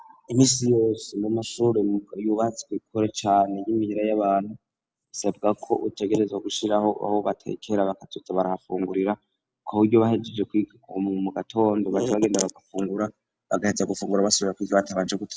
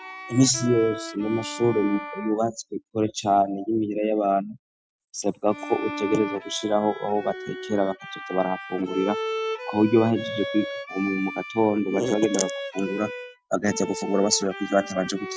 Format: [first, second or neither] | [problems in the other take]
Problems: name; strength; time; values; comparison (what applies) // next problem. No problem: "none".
first | noise reduction (classical method Wiener filter)